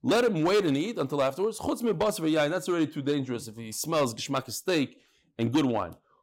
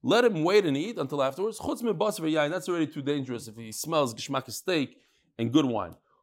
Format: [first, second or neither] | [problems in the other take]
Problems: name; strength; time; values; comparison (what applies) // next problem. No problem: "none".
second | distortion; slight; 5% of the sound clipped